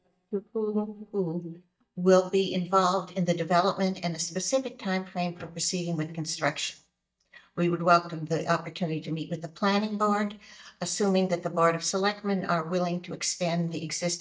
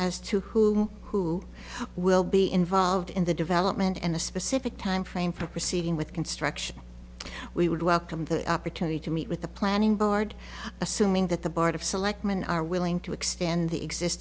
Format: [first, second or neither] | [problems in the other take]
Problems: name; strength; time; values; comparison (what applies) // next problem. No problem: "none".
second | noise reduction (neural mask model DeepFilterNet 3)